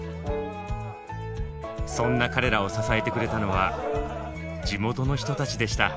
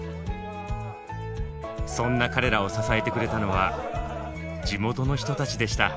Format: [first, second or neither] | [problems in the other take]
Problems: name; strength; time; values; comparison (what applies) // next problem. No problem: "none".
second | background sound (Brass instrument); 13 dB below the speech